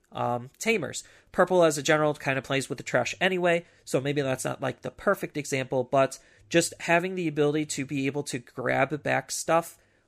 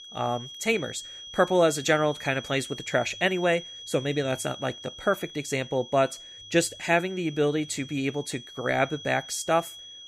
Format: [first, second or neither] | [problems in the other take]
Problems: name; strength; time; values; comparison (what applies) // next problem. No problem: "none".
first | high-pitched whine; noticeable; throughout; 3.5 kHz, 15 dB below the speech